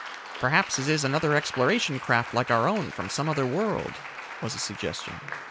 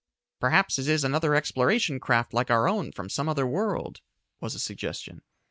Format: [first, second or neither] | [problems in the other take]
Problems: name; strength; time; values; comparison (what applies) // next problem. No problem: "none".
second | background sound (Applause); 11 dB below the speech